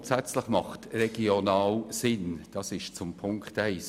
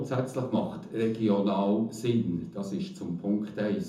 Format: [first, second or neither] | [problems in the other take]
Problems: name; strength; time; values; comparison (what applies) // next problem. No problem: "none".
first | room echo; dies away in 0.5 s